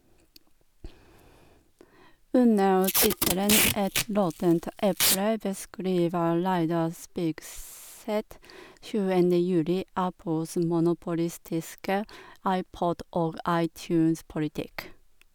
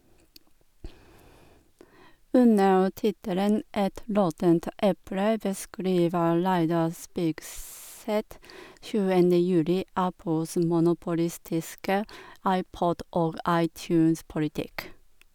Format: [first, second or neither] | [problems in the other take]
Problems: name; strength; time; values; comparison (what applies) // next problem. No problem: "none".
second | background sound (Packing tape, duct tape); as loud as the speech